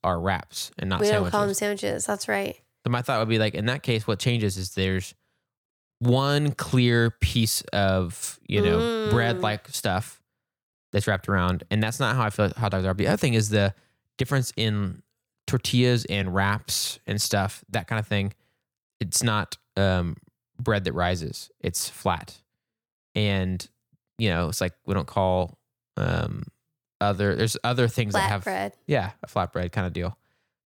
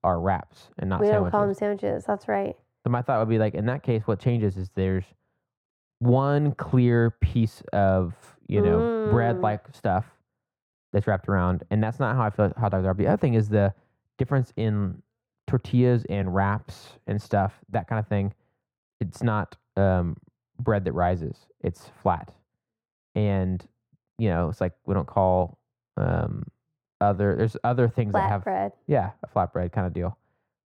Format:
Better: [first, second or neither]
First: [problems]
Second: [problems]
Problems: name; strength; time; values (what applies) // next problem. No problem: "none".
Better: first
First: none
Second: muffled; very; fading above 2.5 kHz